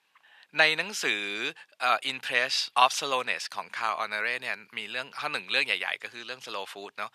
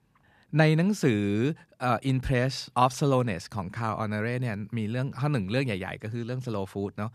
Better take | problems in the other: second | thin; very; fading below 800 Hz

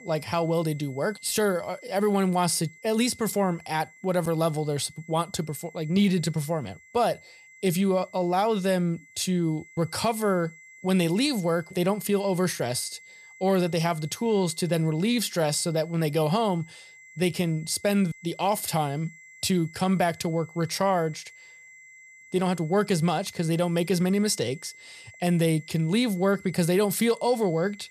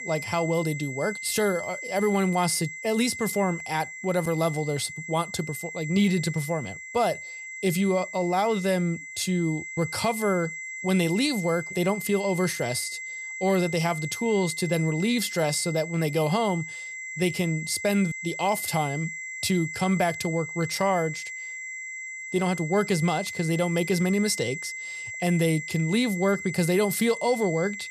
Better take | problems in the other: first | high-pitched whine; loud; throughout; 2 kHz, 8 dB below the speech; faint in the first

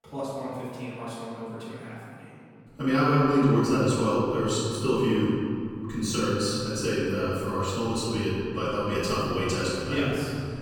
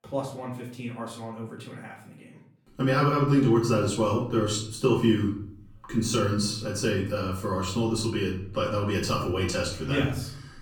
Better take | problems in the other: second | room echo; strong; dies away in 2.2 s; slight in the second // off-mic speech; far; far in the second

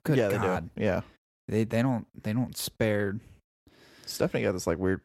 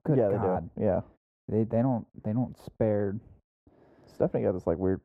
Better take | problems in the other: first | muffled; very; fading above 1.5 kHz

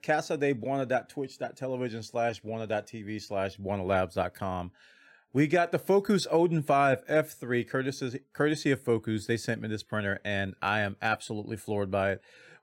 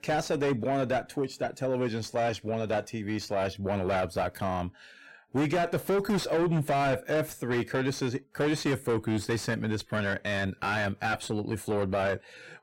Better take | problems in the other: first | distortion; heavy; 7 dB below the speech

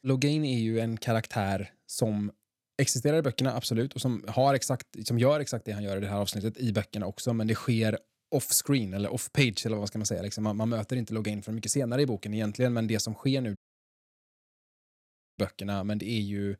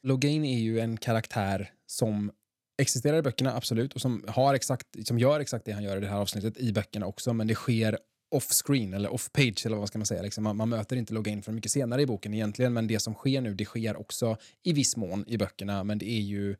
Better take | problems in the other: second | audio cutting out; at 14 s for 2 s

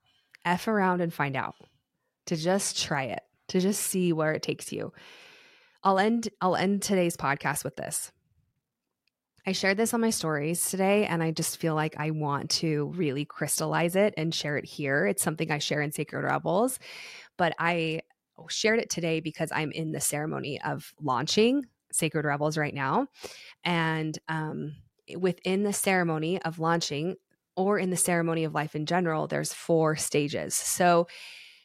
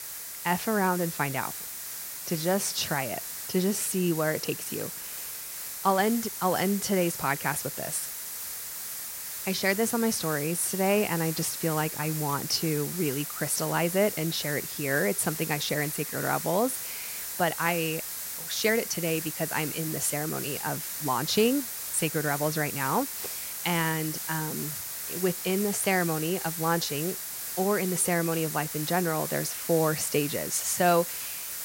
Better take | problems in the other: first | hiss; loud; throughout; 5 dB below the speech

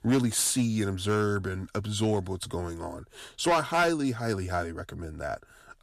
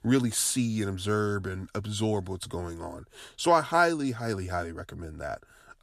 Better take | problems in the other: second | distortion; slight; 3% of the sound clipped

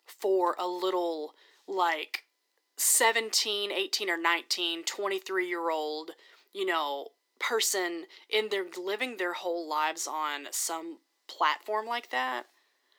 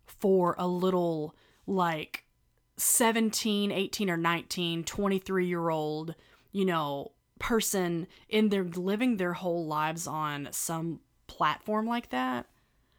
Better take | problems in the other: second | thin; very; fading below 350 Hz

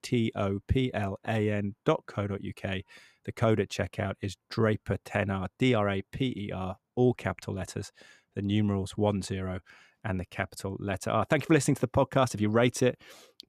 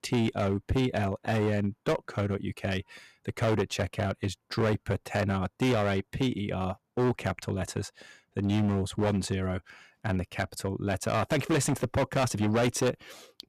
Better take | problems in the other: first | distortion; heavy; 12% of the sound clipped

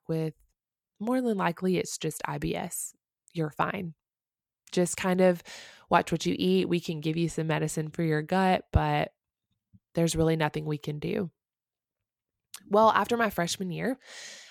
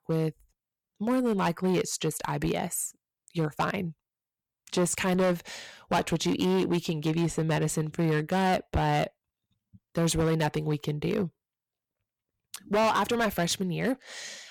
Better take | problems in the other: first | distortion; heavy; 8% of the sound clipped

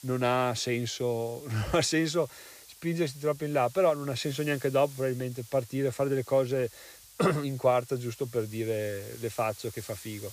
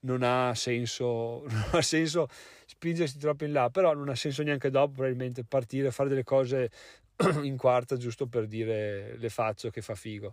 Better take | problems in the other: second | hiss; noticeable; throughout; 20 dB below the speech

